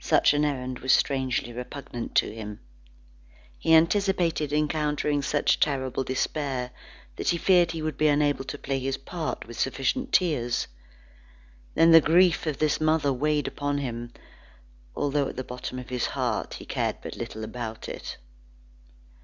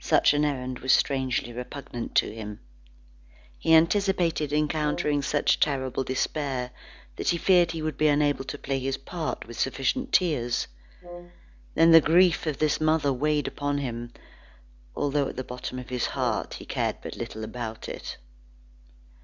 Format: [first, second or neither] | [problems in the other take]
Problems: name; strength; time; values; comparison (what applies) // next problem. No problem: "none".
first | background sound (Brass instrument); 16 dB below the speech